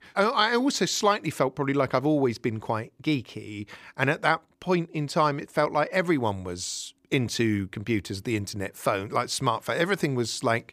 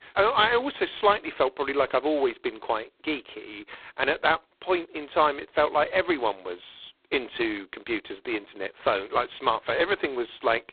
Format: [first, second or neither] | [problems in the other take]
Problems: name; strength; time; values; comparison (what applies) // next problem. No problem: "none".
first | phone-call audio; poor line; nothing above 4 kHz